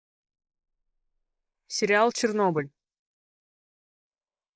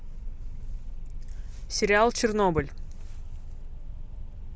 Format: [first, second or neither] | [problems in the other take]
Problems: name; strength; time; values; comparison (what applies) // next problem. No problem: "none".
second | noise reduction (neural mask model Resemble Enhance denoiser)